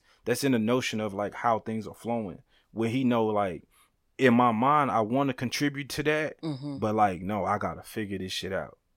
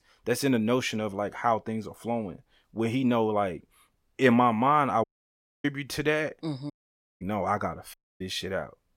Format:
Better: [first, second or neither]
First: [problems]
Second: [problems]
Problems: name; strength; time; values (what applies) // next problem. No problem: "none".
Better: first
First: none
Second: audio cutting out; at 5 s for 0.5 s, at 6.5 s for 0.5 s and at 8 s